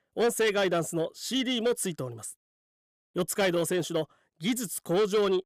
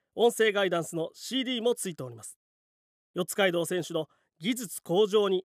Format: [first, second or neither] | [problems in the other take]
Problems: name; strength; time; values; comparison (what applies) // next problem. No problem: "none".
second | distortion; slight; 10 dB below the speech